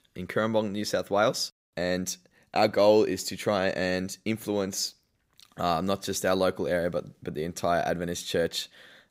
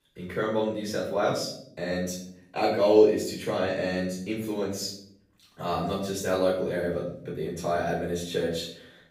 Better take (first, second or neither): first